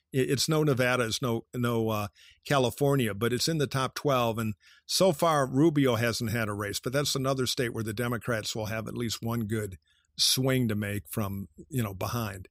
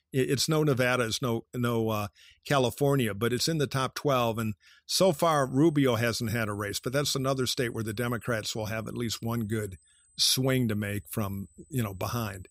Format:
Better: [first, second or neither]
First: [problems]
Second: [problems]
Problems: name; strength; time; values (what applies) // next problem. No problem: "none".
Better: first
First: none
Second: high-pitched whine; faint; from 5.5 s on; 8 kHz, 35 dB below the speech